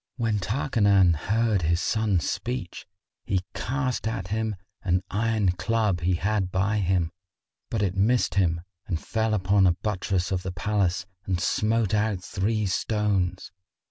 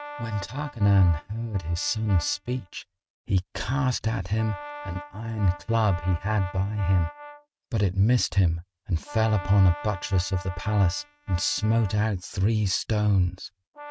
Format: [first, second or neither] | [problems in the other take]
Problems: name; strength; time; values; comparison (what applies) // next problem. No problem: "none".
first | noise reduction (neural mask model RNNoise)